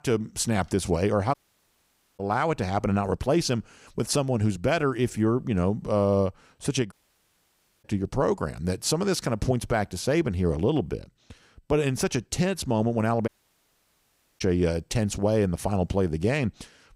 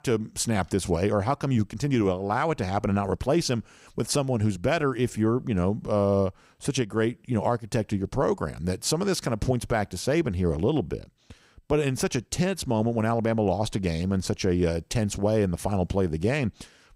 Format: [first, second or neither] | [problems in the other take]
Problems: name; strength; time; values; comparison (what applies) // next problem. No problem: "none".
second | audio cutting out; at 1.5 s for 1 s, at 7 s for 1 s and at 13 s for 1 s